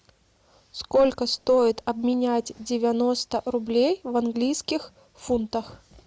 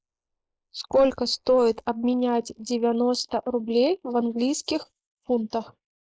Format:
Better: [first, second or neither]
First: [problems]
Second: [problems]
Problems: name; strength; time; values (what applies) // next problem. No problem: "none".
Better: first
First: none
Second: noise reduction (neural mask model Resemble Enhance denoiser)